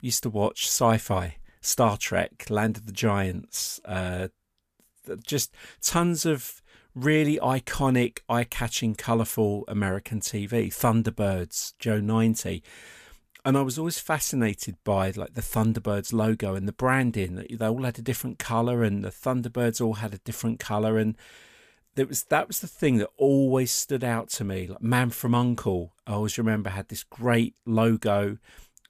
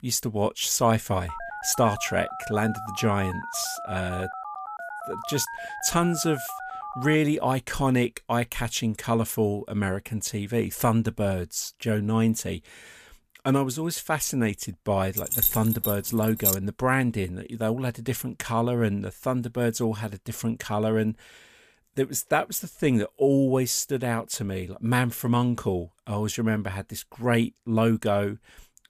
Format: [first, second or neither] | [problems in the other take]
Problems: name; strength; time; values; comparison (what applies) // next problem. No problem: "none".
first | phone ringing; noticeable; from 1.5 to 7 s; peak 9 dB below the speech // jangling keys; loud; from 15 to 17 s; peak 4 dB above the speech